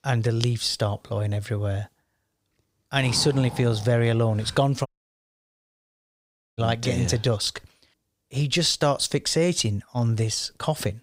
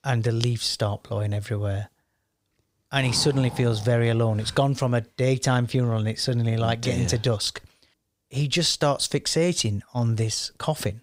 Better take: second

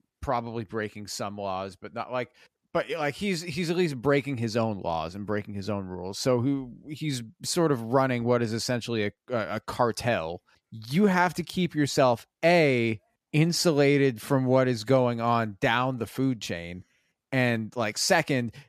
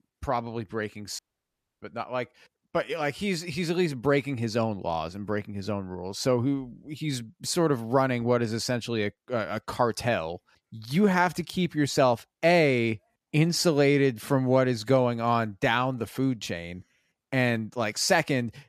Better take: first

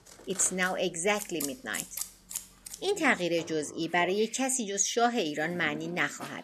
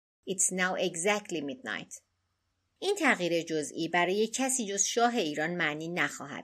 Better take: second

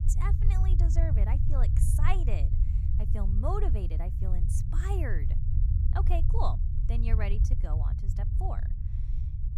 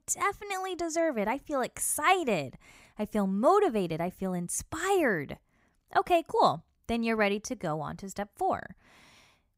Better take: second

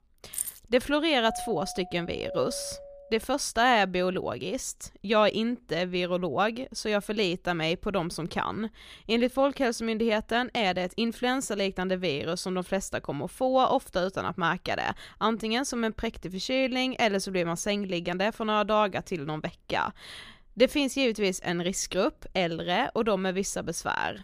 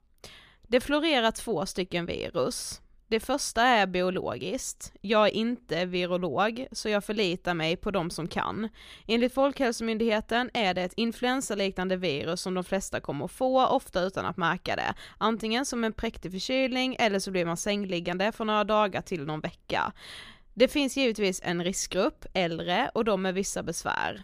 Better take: second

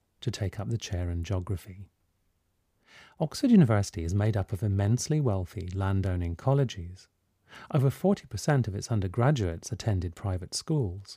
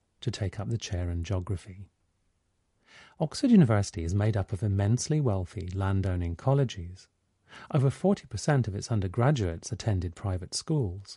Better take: first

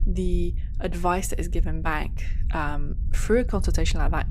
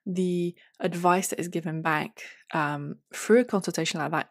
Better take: second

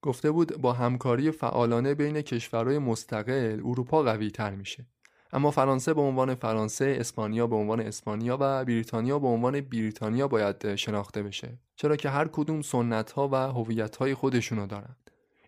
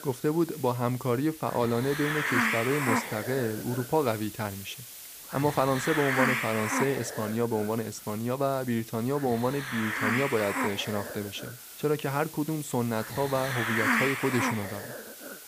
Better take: first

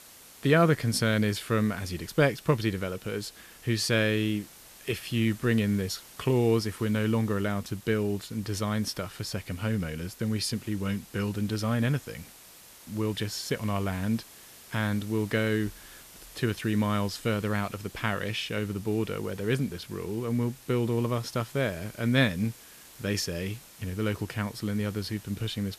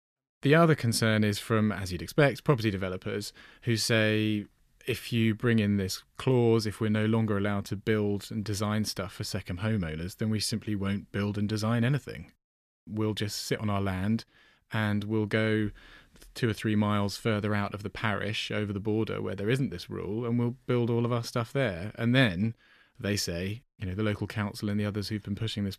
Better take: second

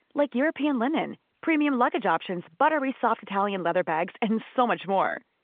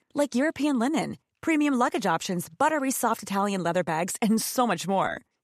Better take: second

